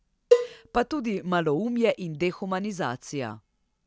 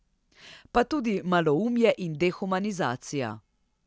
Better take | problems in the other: second | background sound (Cowbell); 2 dB above the speech

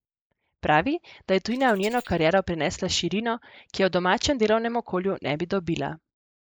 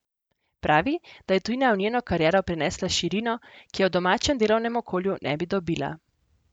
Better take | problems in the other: second | noise reduction (neural mask model Resemble Enhance denoiser)

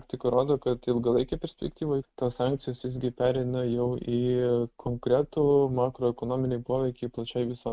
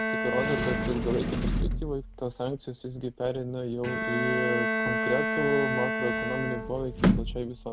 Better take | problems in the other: first | background sound (Bowed string instrument + Sliding door); 2 dB above the speech

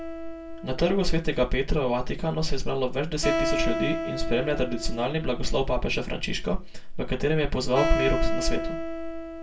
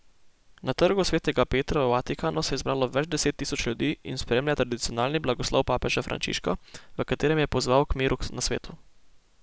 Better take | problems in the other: second | background sound (Acoustic guitar); 8 dB below the speech // room echo; dies away in 0.2 s

